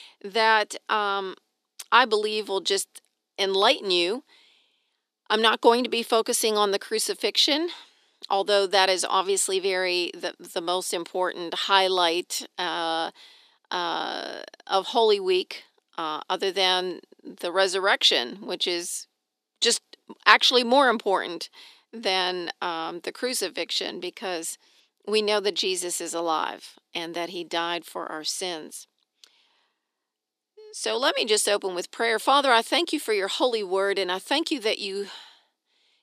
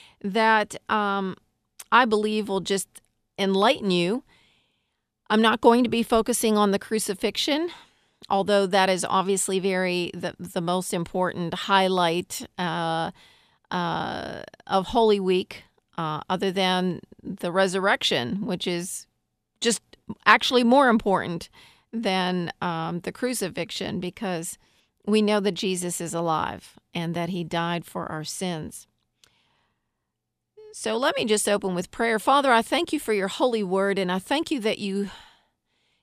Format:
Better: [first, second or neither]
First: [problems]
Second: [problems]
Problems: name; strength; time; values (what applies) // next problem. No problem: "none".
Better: second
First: thin; somewhat; fading below 300 Hz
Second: none